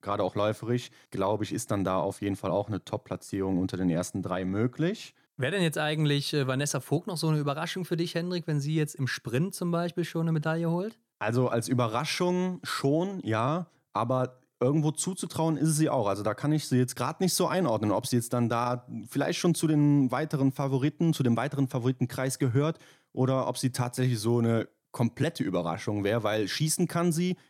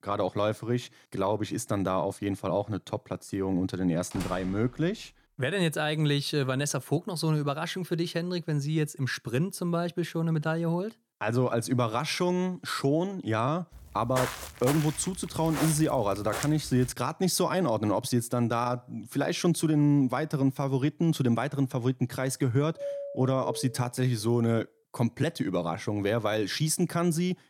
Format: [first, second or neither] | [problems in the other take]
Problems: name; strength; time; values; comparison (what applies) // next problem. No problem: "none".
first | door banging; faint; at 4 s; peak 10 dB below the speech // footsteps; noticeable; from 14 to 17 s; peak 5 dB below the speech // doorbell; noticeable; from 23 to 24 s; peak 7 dB below the speech